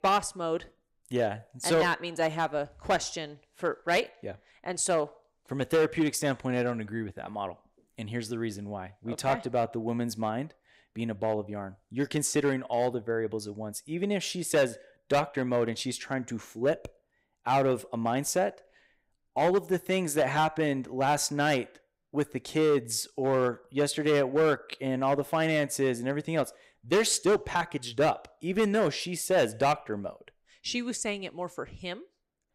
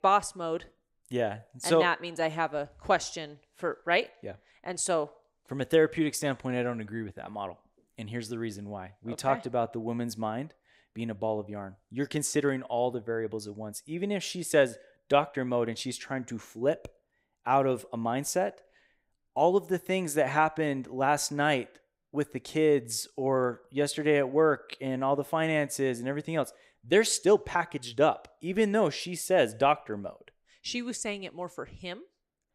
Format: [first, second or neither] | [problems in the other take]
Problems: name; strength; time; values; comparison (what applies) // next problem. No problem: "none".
second | distortion; slight; 4% of the sound clipped